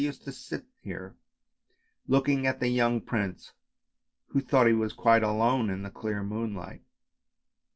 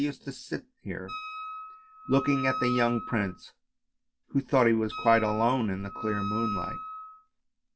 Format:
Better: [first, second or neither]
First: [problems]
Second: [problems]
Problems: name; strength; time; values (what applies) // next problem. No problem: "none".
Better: first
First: none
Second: background sound (Wind instrument, woodwind instrument); 8 dB below the speech